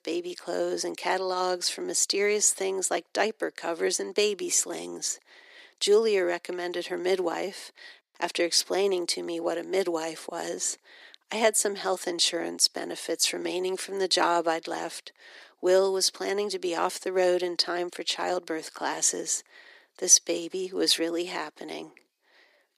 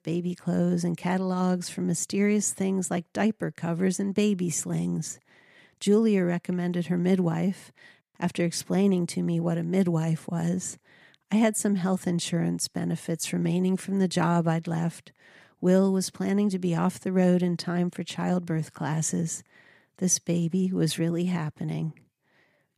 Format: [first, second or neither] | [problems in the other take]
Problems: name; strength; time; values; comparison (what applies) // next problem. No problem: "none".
second | thin; very; fading below 350 Hz